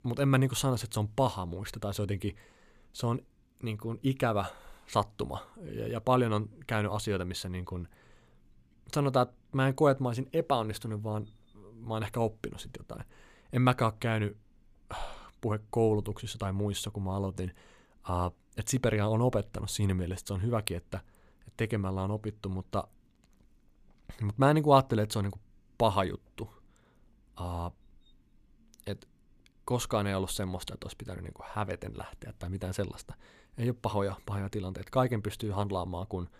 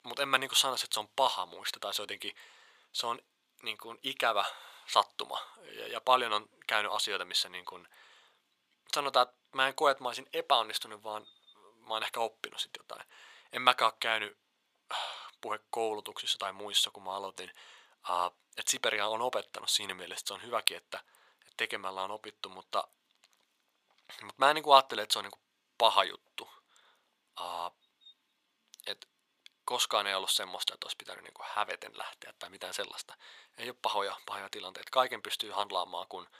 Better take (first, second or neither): first